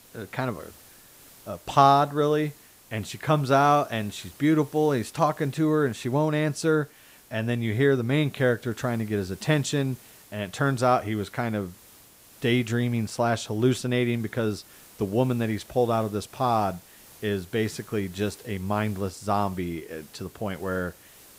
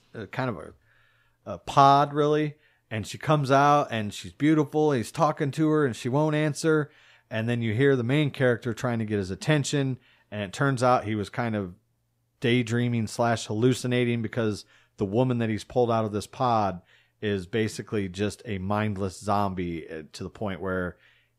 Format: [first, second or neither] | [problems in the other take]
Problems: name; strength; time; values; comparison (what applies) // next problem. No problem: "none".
second | hiss; faint; throughout; 25 dB below the speech